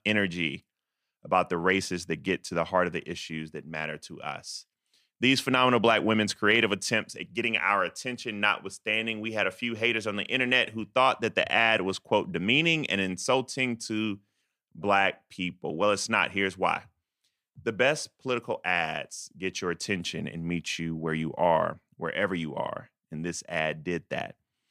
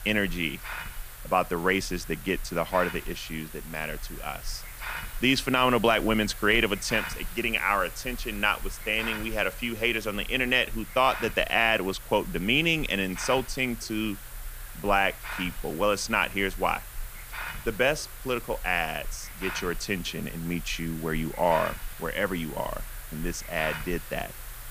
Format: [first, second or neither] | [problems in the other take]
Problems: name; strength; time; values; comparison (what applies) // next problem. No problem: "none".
first | hiss; noticeable; throughout; 10 dB below the speech